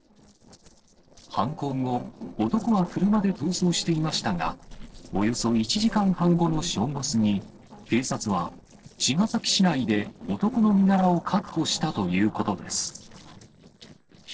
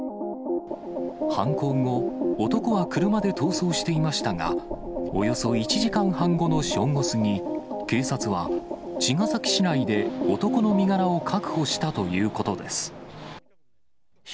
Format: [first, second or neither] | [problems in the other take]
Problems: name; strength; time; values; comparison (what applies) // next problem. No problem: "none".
second | noise reduction (neural separator model SepFormer DNS4)